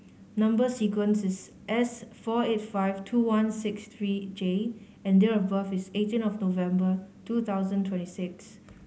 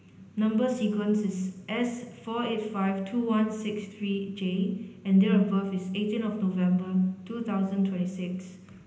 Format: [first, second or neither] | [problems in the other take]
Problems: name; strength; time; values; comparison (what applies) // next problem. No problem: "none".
first | room echo; dies away in 0.9 s